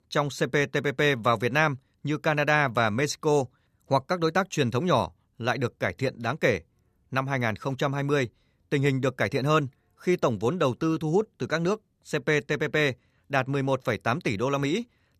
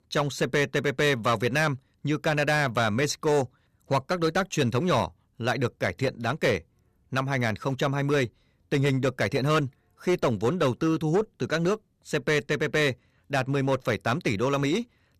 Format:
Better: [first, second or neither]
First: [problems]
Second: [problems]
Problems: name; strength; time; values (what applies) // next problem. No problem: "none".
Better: first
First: none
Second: distortion; slight; 7% of the sound clipped